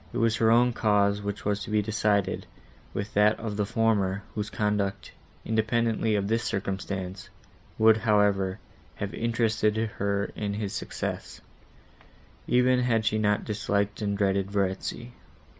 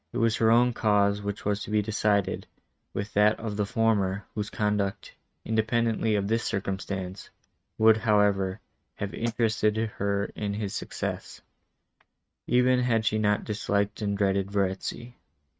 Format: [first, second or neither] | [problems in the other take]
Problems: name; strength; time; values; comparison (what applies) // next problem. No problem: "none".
first | noise reduction (neural mask model RNNoise)